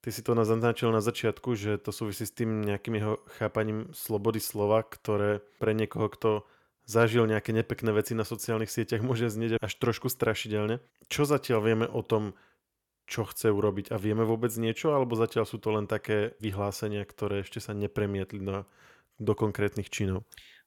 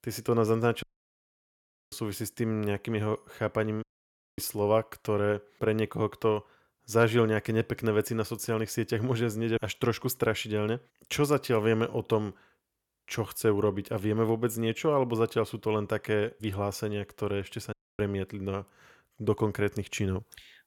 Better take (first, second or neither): first